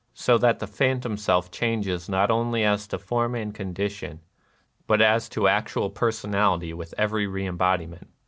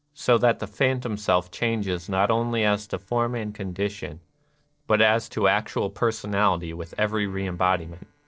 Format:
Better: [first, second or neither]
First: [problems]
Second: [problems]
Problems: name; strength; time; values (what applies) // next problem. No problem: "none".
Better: first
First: none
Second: noise reduction (neural separator model SepFormer DNS4)